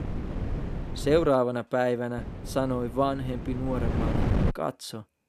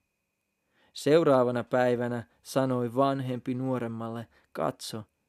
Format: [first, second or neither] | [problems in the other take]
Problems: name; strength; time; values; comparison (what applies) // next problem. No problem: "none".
second | wind noise on the microphone; occasional gusts; until 1.5 s and from 2 to 4.5 s; 10 dB below the speech